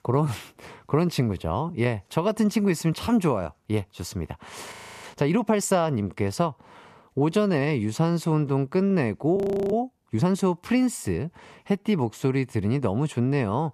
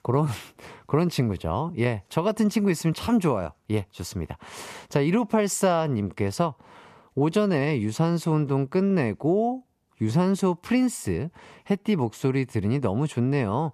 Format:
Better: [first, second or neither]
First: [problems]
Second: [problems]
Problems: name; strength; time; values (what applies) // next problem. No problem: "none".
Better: second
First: audio freezing; at 4.5 s and at 9.5 s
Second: none